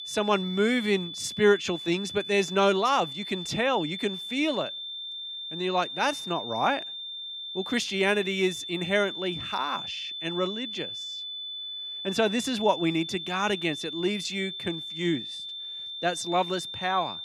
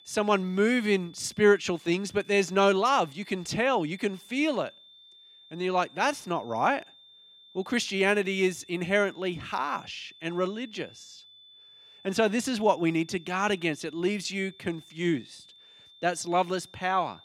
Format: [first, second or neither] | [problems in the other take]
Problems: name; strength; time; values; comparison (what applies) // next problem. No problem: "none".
second | high-pitched whine; loud; throughout; 3.5 kHz, 7 dB below the speech; faint in the second